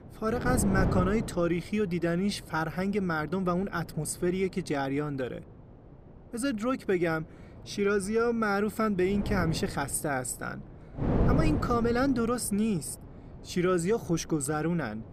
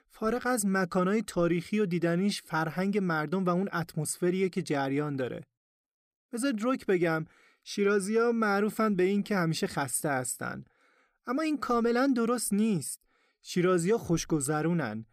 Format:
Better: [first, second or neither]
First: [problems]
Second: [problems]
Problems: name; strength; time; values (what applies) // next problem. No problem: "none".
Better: second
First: wind noise on the microphone; heavy; 9 dB below the speech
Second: none